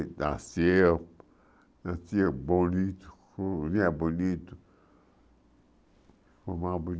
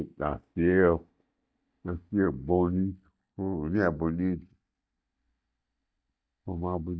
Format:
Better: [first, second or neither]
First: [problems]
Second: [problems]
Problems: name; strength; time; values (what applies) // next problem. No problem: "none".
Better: first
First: none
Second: noise reduction (neural mask model DeepFilterNet 3)